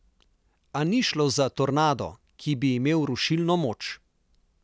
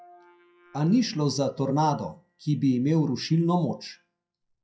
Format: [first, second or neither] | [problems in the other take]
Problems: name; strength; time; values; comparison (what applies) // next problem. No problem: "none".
first | noise reduction (classical method WPE with log-MMSE)